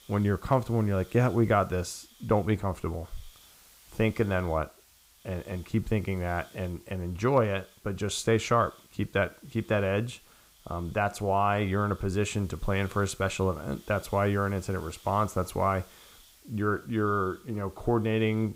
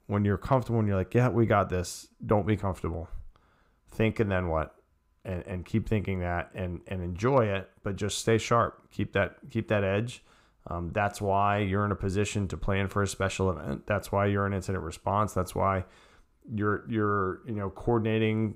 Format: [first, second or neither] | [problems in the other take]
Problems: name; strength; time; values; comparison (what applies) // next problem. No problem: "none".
second | hiss; faint; throughout; 25 dB below the speech